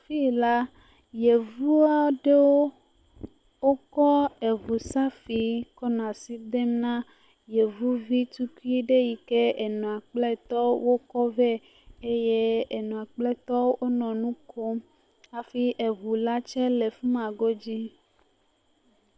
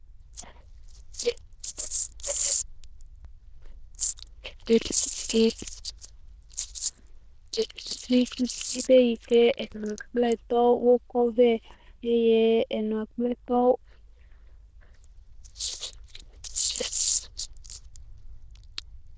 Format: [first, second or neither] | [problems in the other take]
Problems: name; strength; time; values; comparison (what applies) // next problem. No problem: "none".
first | noise reduction (neural diffusion model UNIVERSE++)